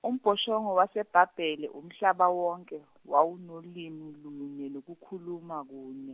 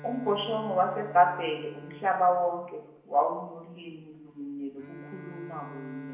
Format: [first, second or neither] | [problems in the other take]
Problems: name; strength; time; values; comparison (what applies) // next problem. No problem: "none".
first | background sound (Bowed string instrument); 18 dB below the speech // room echo; dies away in 0.8 s